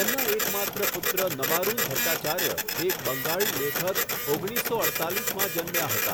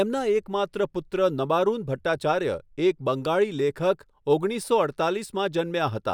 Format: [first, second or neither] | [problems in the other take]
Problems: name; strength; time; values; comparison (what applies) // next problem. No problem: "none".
second | background sound (Printer); 3 dB above the speech